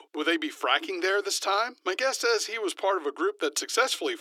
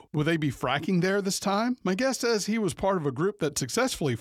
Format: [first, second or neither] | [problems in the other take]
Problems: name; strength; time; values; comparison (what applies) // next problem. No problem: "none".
second | thin; very; fading below 300 Hz